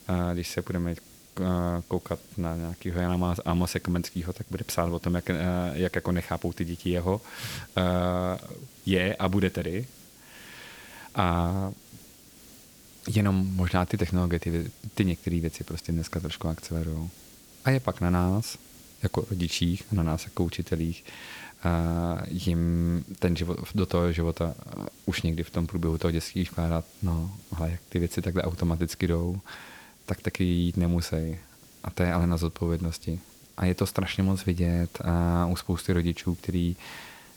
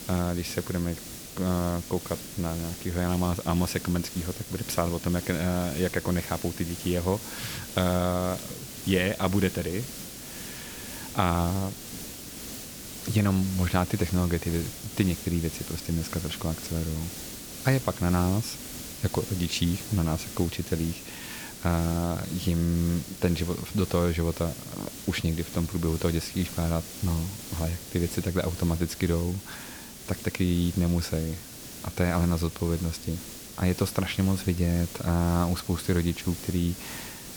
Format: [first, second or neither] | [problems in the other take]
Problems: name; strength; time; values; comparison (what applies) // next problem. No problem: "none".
first | hiss; loud; throughout; 10 dB below the speech; faint in the first